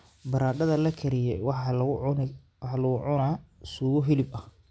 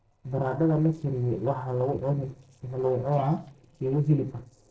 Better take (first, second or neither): first